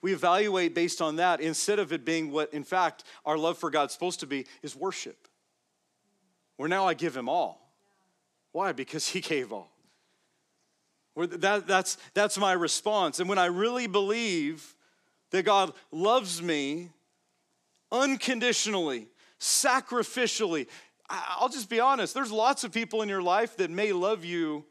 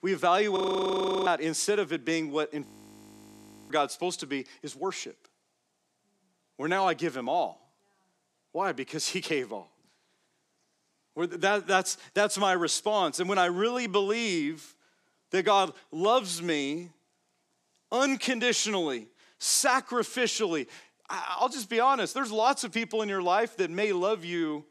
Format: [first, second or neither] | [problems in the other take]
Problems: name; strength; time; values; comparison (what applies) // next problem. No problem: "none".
first | audio freezing; at 0.5 s for 0.5 s and at 2.5 s for 1 s